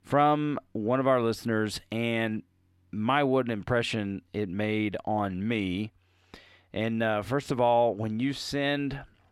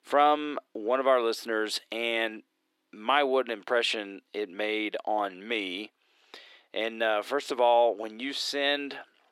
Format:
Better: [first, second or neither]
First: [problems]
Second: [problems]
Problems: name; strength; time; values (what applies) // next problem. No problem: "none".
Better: first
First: none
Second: thin; somewhat; fading below 350 Hz